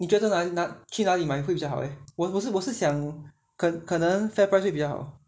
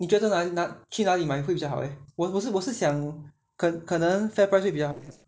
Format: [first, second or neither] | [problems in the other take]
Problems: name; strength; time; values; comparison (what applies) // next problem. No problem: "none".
first | noise reduction (neural separator model SepFormer DNS4)